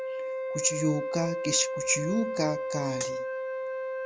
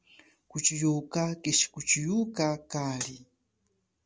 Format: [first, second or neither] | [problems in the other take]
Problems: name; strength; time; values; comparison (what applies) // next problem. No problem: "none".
second | background sound (Wind instrument, woodwind instrument); 2 dB below the speech